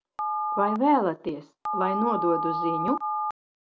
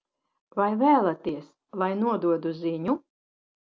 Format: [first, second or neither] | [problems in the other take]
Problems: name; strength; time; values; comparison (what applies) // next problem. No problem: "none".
second | background sound (Telephone); 2 dB below the speech